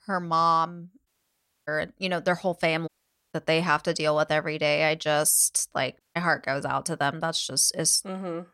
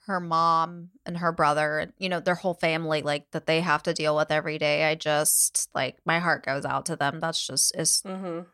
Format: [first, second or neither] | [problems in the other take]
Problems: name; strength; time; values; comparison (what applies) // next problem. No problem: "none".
second | audio cutting out; at 1 s for 0.5 s, at 3 s and at 6 s